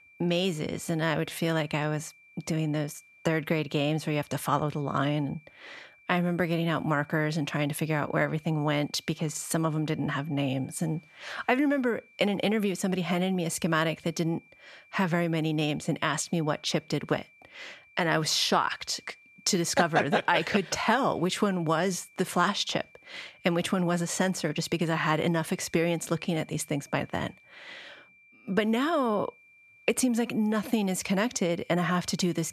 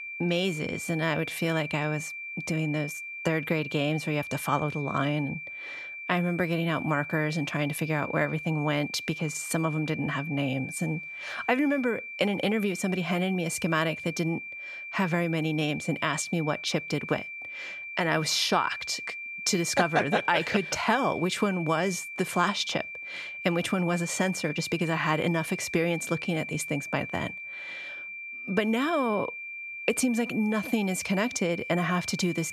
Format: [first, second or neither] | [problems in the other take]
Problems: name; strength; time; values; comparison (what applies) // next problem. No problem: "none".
first | high-pitched whine; loud; throughout; 2.5 kHz, 8 dB below the speech; faint in the first